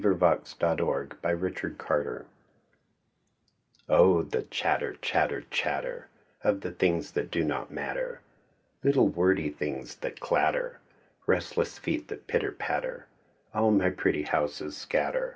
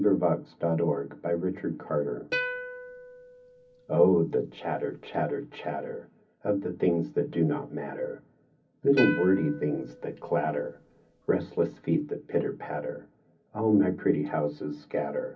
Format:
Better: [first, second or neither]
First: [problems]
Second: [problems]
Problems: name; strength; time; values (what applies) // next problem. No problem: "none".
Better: first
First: none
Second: background sound (Plucked string instrument); 10 dB below the speech // room echo; dies away in 0.4 s